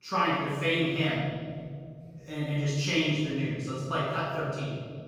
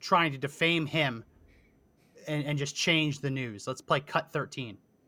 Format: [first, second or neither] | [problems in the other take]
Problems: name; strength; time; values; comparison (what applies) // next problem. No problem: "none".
second | off-mic speech; far // room echo; strong; dies away in 2.5 s